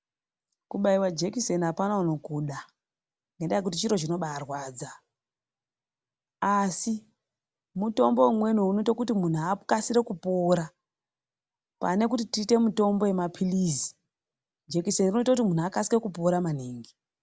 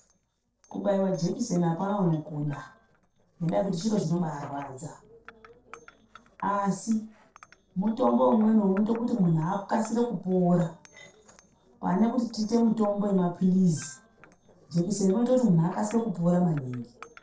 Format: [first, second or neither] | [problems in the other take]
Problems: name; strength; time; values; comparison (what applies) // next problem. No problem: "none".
first | noise reduction (neural separator model SepFormer DNS4)